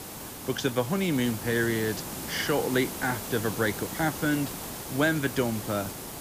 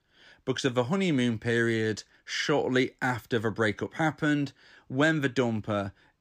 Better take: second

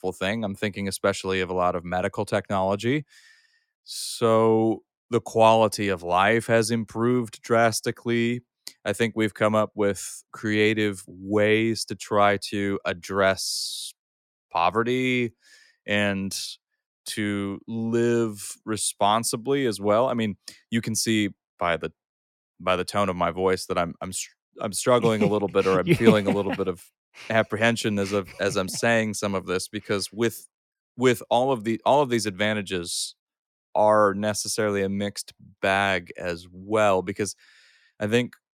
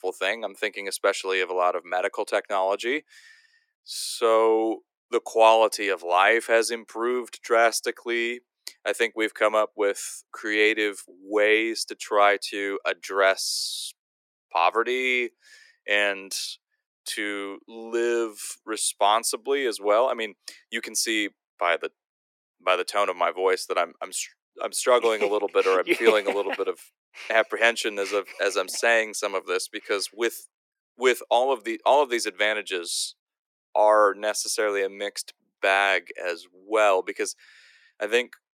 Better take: first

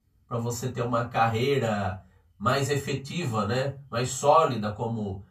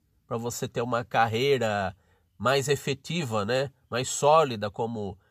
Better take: second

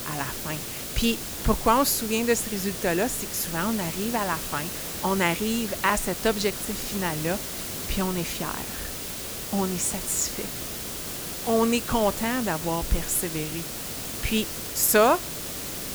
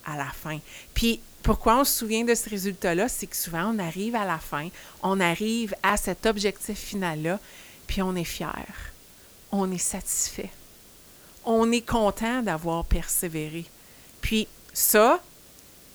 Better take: second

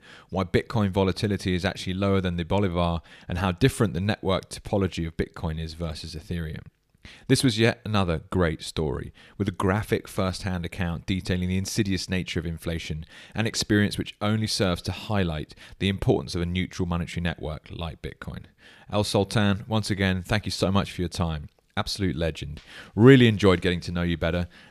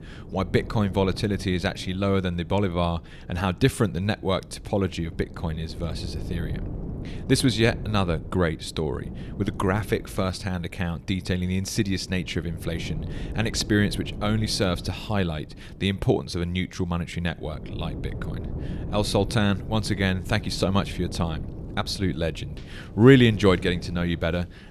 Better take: first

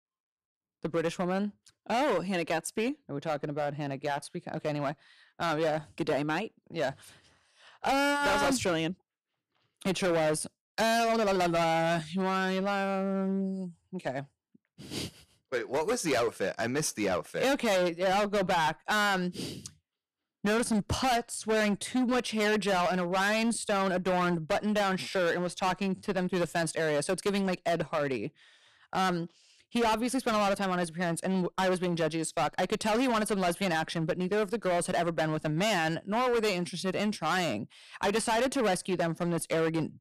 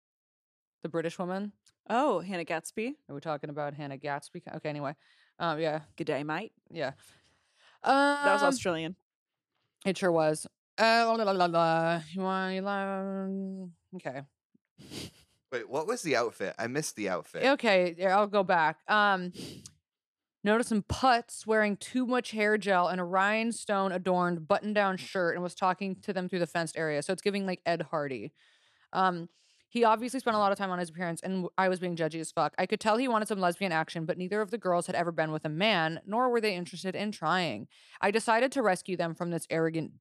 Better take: second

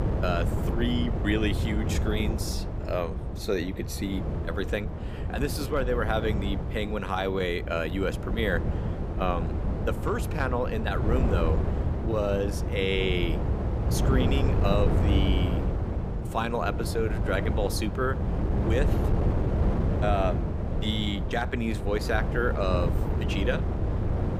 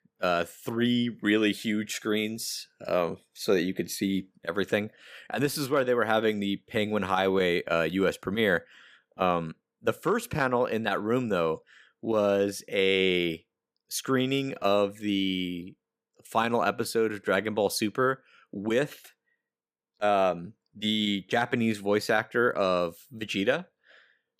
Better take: second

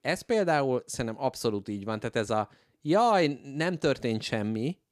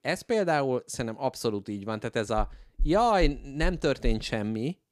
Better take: first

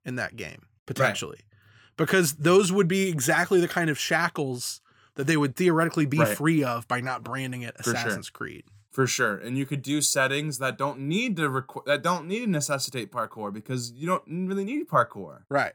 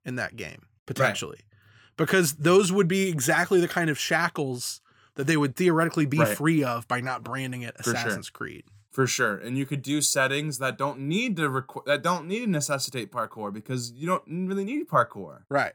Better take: neither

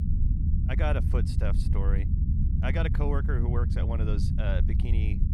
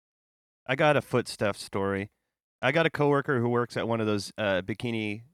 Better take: second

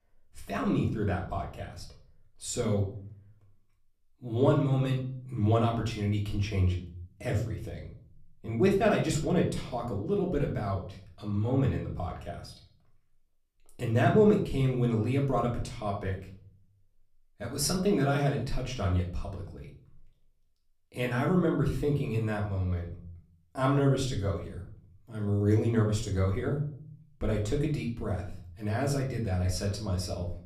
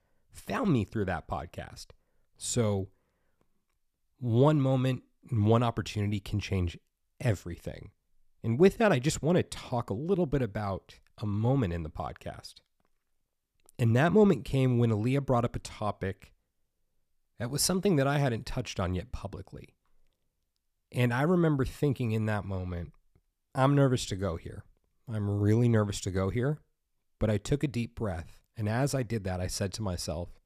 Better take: second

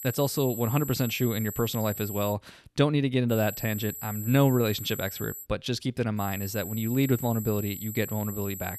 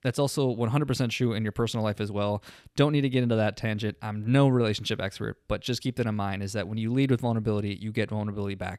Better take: second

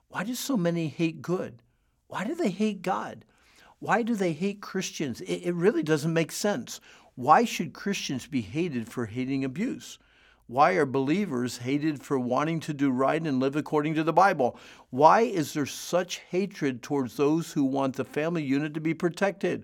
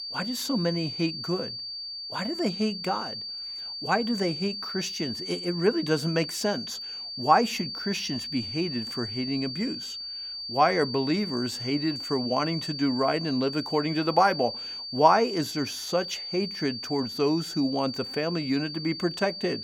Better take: first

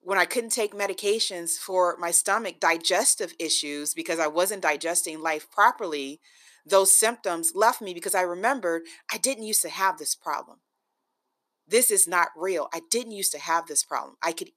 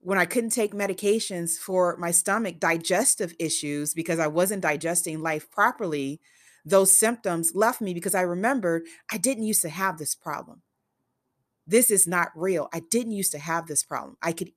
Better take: second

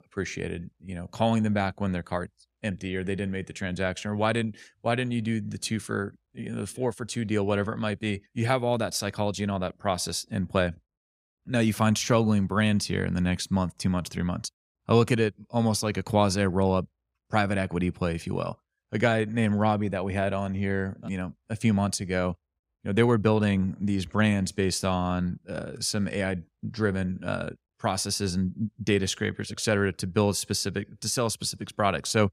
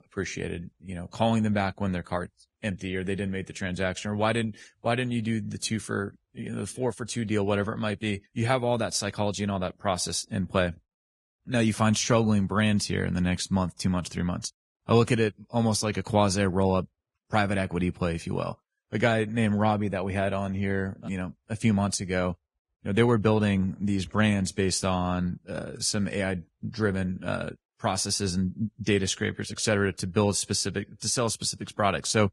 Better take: first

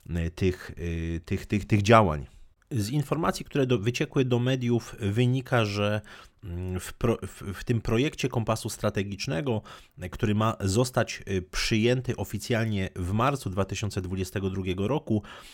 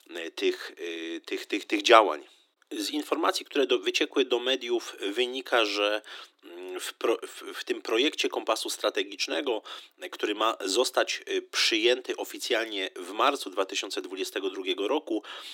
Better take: first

